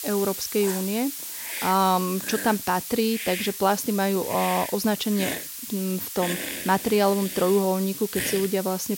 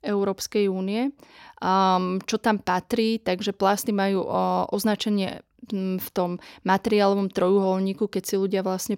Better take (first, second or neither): second